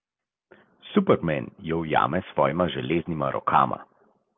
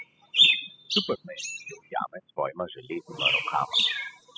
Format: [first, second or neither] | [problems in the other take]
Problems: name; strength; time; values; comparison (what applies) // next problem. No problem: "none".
first | noise reduction (classical method spectral subtraction)